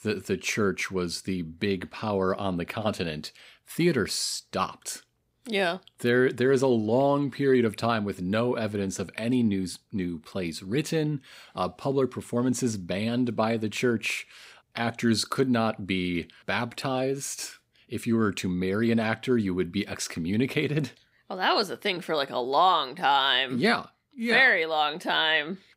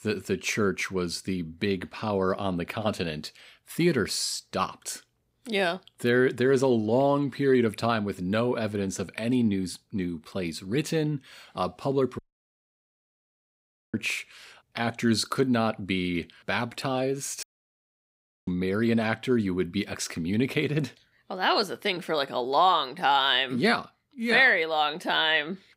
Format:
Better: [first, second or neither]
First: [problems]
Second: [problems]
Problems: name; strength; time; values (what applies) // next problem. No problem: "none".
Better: first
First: none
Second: audio cutting out; at 12 s for 2 s and at 17 s for 1 s